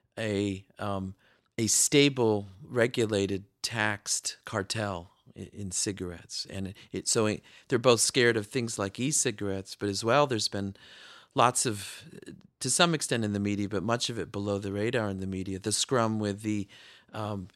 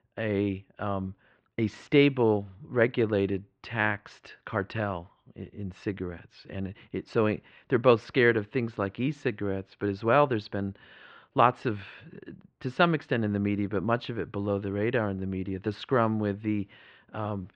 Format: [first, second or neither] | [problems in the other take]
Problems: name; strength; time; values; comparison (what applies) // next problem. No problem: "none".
first | muffled; very; fading above 2.5 kHz